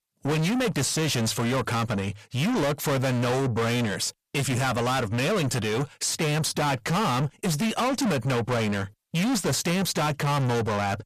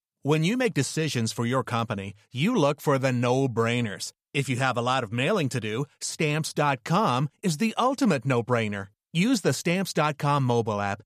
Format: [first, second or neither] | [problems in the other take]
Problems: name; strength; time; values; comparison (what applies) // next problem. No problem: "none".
second | distortion; heavy; 5 dB below the speech